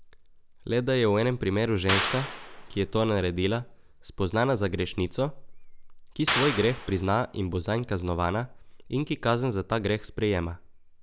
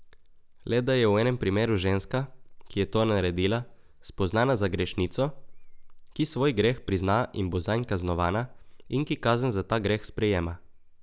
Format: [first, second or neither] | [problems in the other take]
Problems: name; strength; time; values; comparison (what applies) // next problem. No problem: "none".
second | background sound (Clapping); 8 dB below the speech